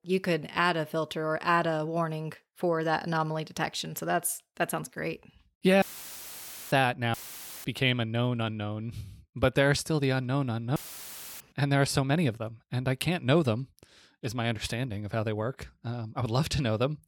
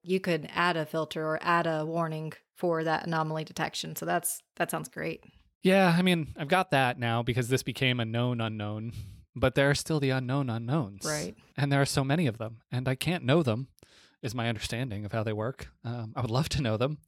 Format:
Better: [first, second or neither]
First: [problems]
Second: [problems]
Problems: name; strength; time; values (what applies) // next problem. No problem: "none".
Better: second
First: audio cutting out; filled with static; at 6 s for 1 s, at 7 s for 0.5 s and at 11 s for 0.5 s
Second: none